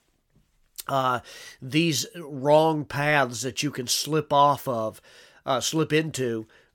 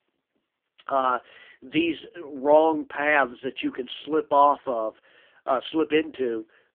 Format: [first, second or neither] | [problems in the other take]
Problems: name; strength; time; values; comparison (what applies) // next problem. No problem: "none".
first | phone-call audio; poor line; nothing above 3.5 kHz